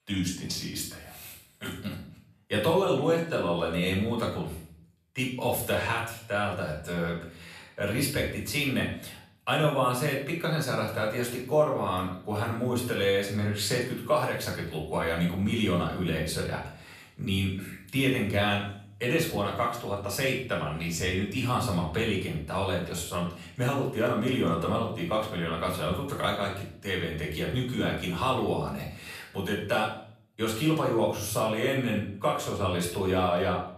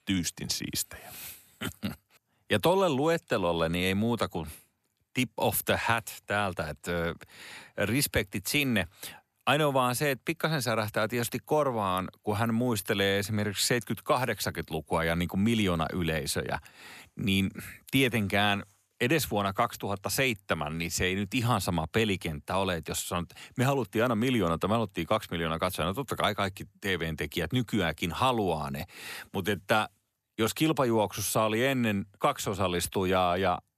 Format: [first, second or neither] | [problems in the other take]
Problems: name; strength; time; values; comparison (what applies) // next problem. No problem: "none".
second | off-mic speech; far // room echo; noticeable; dies away in 0.5 s